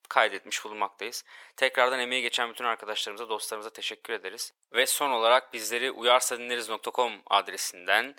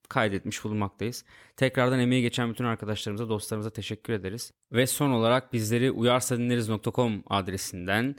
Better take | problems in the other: second | thin; very; fading below 550 Hz

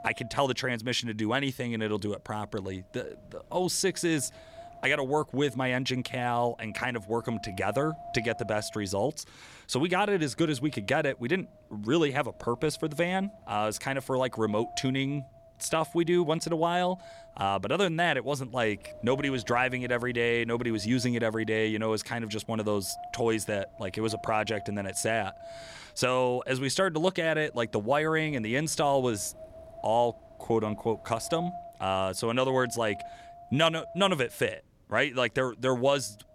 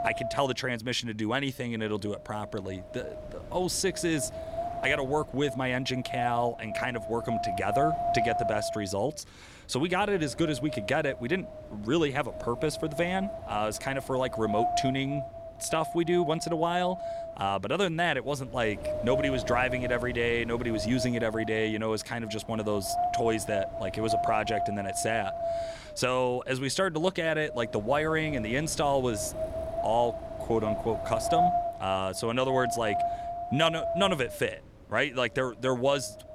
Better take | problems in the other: first | wind noise on the microphone; heavy; 3 dB below the speech; occasional gusts in the first

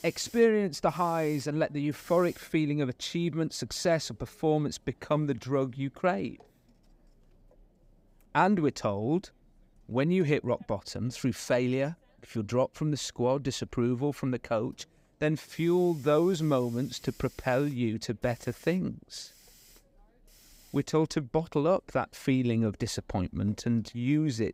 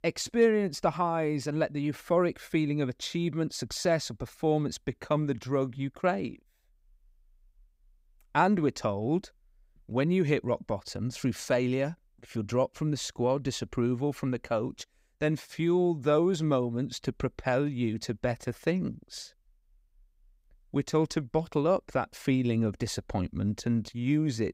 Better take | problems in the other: second | hiss; faint; throughout; 25 dB below the speech

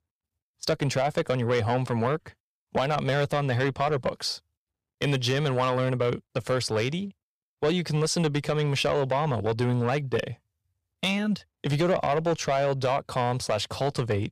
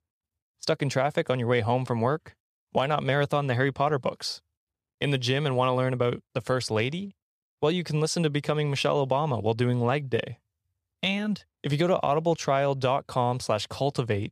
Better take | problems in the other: second | distortion; slight; 10 dB below the speech

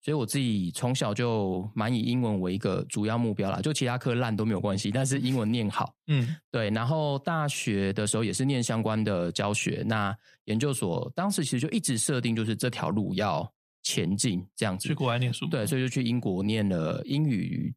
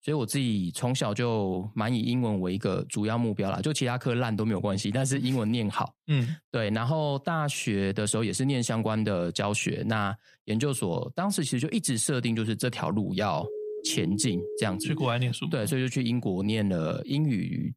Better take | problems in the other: first | siren; noticeable; from 13 to 15 s; peak 8 dB below the speech

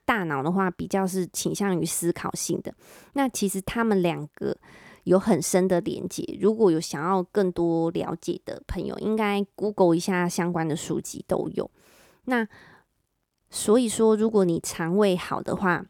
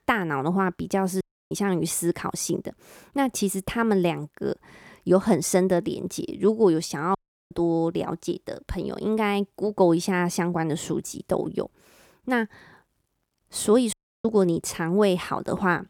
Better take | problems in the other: first | audio cutting out; at 1 s, at 7 s and at 14 s

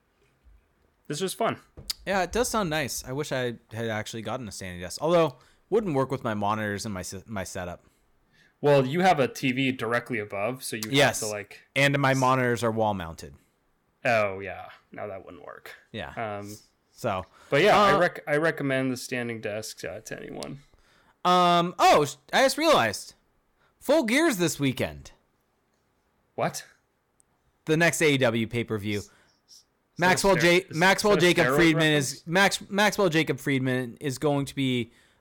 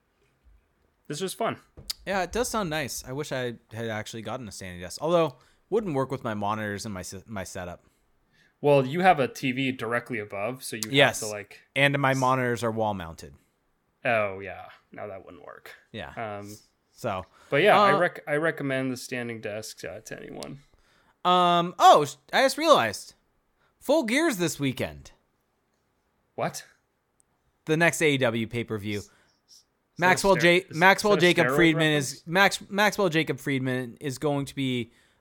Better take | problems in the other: second | distortion; slight; 3% of the sound clipped

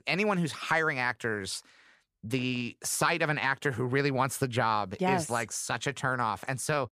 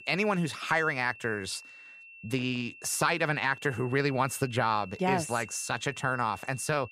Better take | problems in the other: first | high-pitched whine; noticeable; throughout; 2.5 kHz, 20 dB below the speech

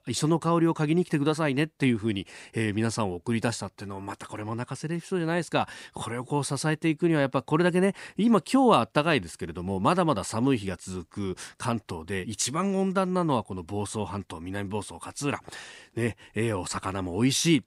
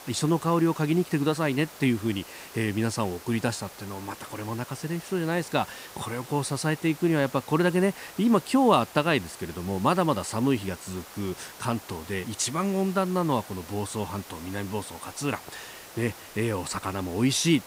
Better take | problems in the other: first | hiss; noticeable; throughout; 15 dB below the speech

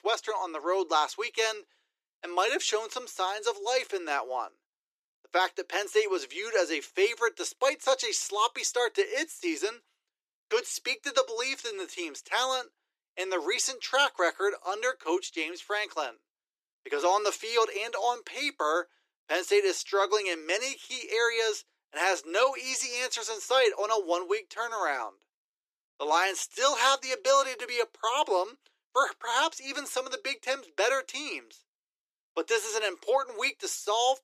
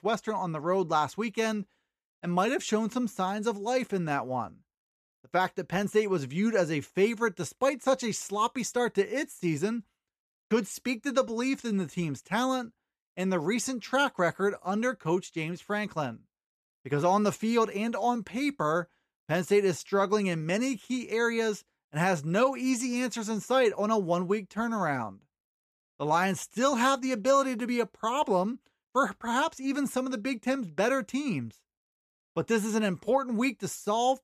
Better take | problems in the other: second | thin; very; fading below 300 Hz

